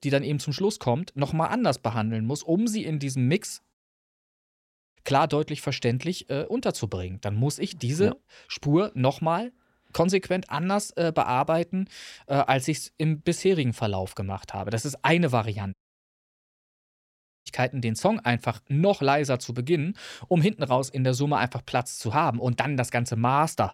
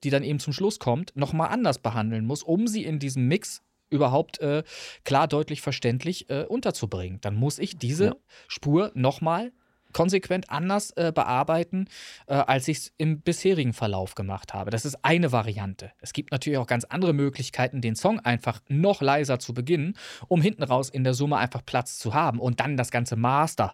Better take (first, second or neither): second